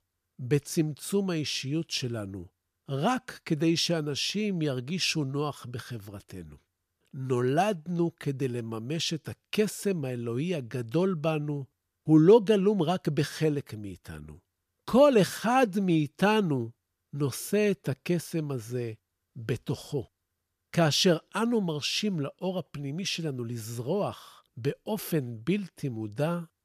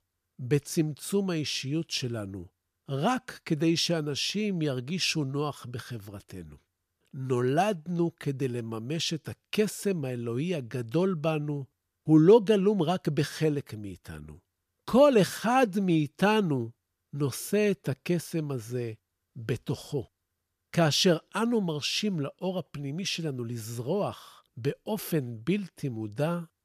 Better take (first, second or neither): neither